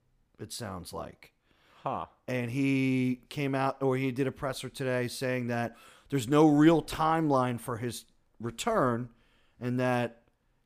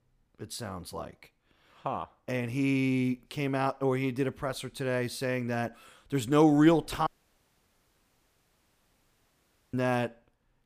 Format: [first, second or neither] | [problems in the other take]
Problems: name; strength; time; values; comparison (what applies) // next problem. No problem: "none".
first | audio cutting out; at 7 s for 2.5 s